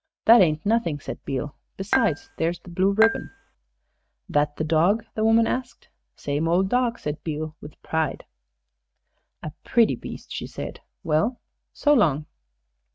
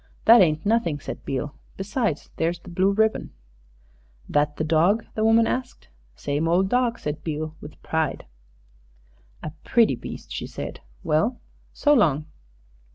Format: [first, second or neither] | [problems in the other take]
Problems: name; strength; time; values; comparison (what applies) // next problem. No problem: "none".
second | noise reduction (neural mask model RNNoise)